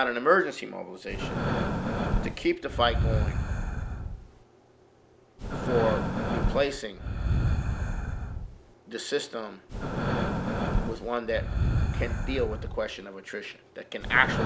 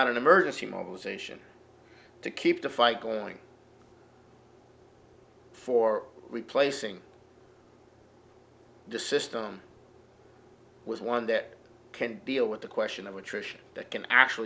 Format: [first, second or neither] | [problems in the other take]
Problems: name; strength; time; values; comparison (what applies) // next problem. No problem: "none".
second | background sound (Breathing); 2 dB above the speech